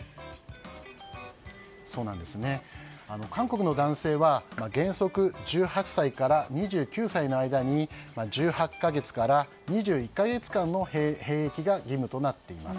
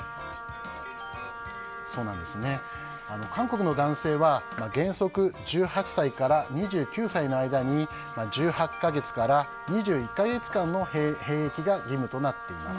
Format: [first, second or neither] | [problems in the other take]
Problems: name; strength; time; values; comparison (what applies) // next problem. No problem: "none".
first | background sound (Wind instrument, woodwind instrument); 12 dB below the speech